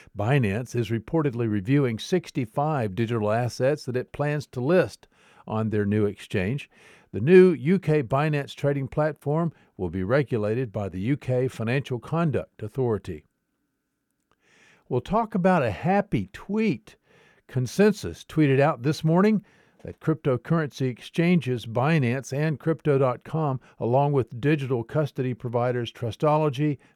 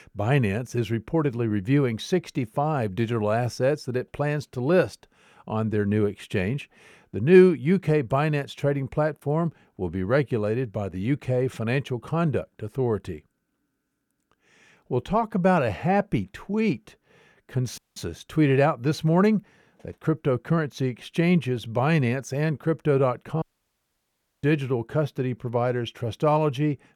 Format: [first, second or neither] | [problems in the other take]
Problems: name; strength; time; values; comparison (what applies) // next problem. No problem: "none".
first | audio cutting out; at 18 s and at 23 s for 1 s